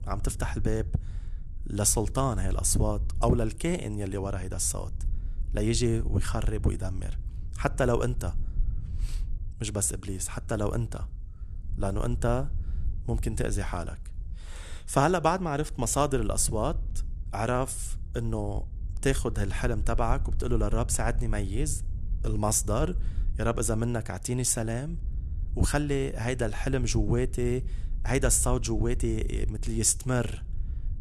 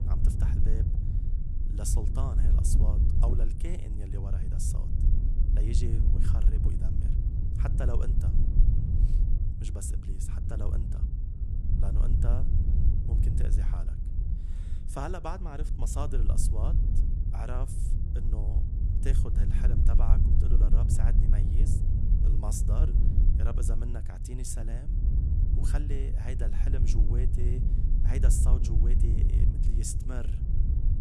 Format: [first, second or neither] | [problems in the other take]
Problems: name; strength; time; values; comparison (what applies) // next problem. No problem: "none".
first | low rumble; loud; throughout; 2 dB below the speech; faint in the first